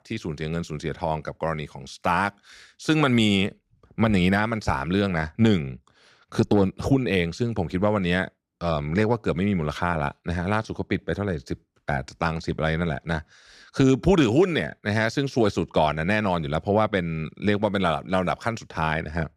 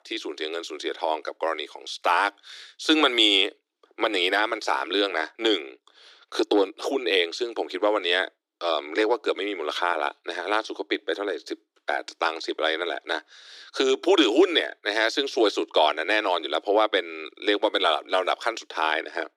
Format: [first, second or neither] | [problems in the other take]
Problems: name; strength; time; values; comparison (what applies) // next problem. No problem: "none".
first | thin; very; fading below 300 Hz